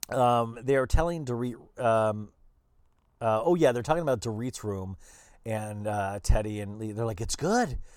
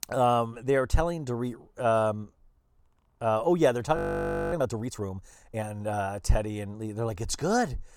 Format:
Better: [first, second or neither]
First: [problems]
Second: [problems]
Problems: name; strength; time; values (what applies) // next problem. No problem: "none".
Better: first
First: none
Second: audio freezing; at 4 s for 0.5 s